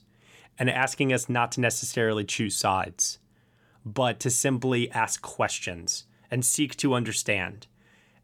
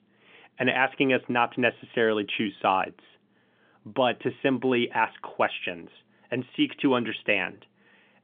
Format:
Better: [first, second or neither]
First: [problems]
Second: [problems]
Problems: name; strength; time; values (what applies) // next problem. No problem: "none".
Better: first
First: none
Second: phone-call audio; nothing above 3.5 kHz